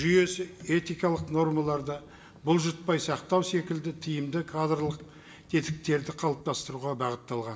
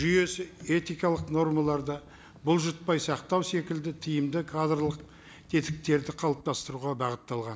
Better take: second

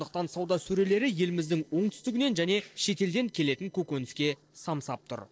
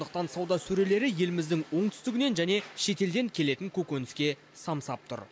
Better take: second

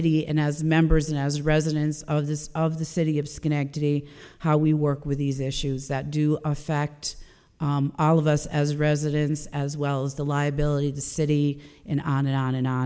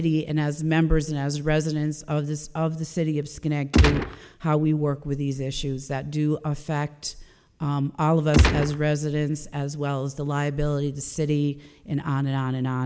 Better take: first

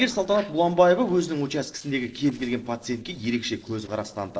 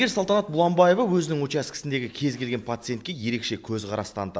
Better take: second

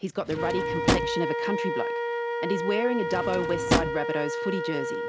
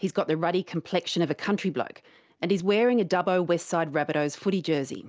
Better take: second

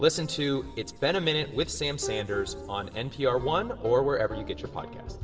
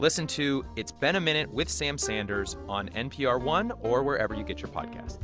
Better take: second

